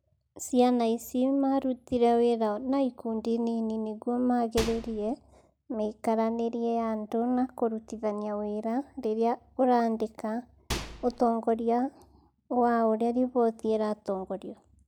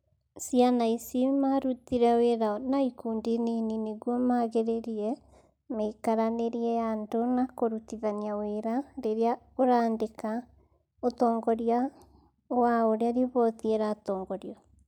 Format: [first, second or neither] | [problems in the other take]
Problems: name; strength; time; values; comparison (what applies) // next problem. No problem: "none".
second | background sound (Microwave oven); 8 dB below the speech